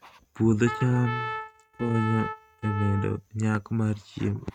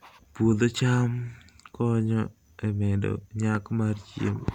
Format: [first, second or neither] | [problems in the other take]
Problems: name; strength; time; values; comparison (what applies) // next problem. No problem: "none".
second | noise reduction (neural mask model RNNoise)